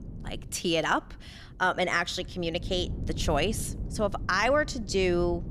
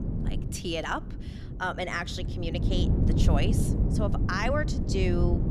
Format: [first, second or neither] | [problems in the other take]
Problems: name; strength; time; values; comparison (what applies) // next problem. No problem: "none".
first | wind noise on the microphone; heavy; 6 dB below the speech; occasional gusts in the first